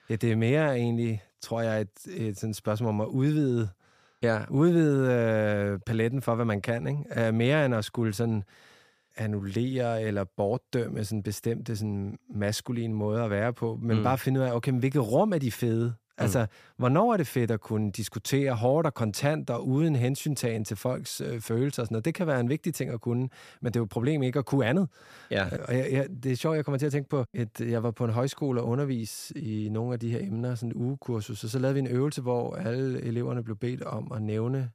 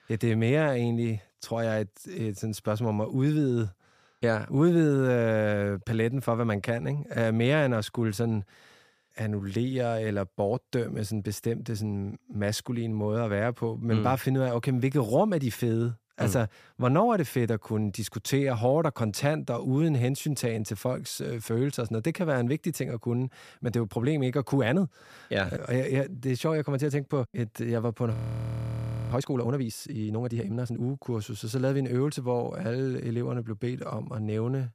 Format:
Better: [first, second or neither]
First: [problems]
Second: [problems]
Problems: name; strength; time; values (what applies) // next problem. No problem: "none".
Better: first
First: none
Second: audio freezing; at 28 s for 1 s